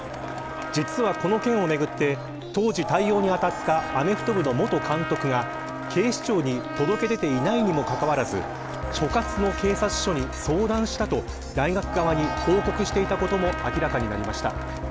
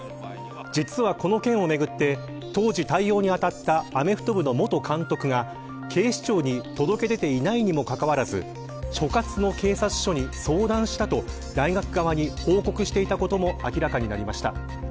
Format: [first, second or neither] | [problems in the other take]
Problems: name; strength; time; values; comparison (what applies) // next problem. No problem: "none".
second | background sound (Crowd + Trumpet); 7 dB below the speech